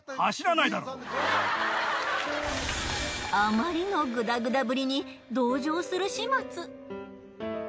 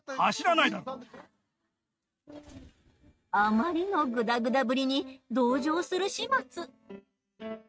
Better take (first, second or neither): first